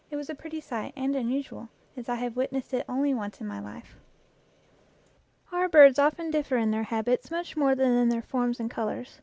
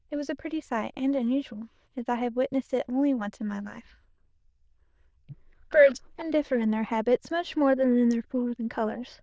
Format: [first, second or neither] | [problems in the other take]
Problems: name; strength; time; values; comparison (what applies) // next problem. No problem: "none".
first | noise reduction (neural diffusion model UNIVERSE++)